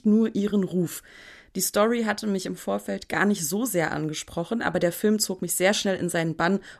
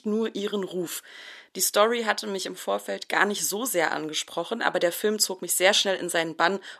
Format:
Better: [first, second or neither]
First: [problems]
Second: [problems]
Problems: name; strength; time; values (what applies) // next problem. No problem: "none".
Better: first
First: none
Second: thin; somewhat; fading below 400 Hz